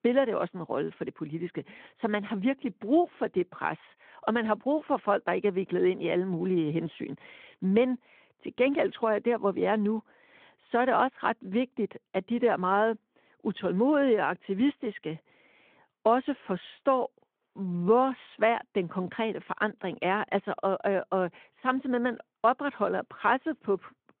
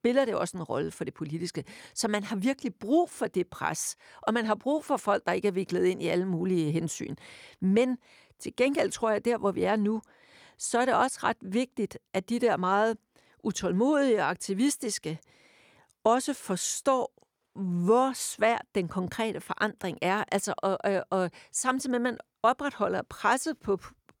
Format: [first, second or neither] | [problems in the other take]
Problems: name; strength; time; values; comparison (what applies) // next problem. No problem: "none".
second | phone-call audio